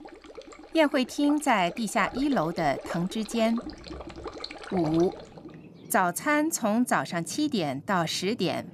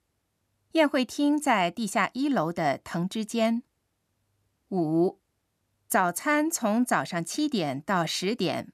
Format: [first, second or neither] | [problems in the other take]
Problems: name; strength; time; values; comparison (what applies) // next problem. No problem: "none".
second | rain or running water; noticeable; throughout; 15 dB below the speech